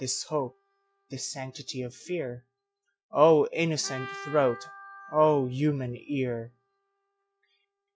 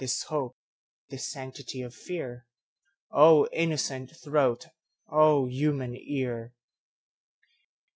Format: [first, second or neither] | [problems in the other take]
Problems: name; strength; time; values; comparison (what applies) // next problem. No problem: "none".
second | noise reduction (classical method log-MMSE)